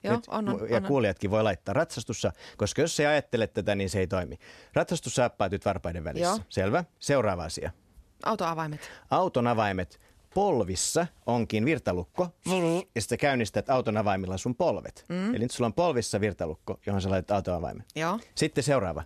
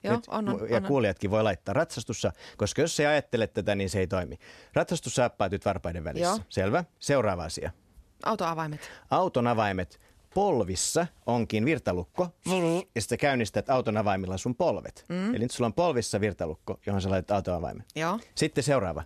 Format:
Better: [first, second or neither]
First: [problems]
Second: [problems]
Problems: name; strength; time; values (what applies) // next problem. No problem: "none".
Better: neither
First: none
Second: none